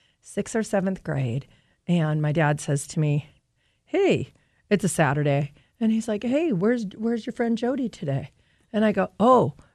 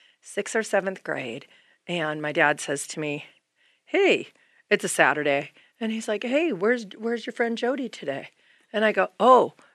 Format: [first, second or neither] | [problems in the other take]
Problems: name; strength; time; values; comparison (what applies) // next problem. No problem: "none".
first | thin; somewhat; fading below 300 Hz